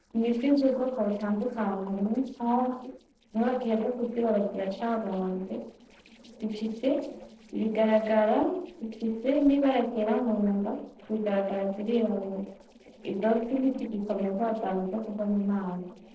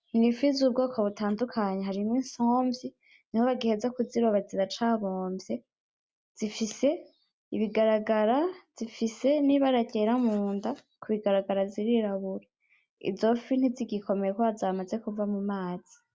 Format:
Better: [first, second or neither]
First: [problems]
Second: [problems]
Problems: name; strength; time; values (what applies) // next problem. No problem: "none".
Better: second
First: noise reduction (neural separator model SepFormer DNS4)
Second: none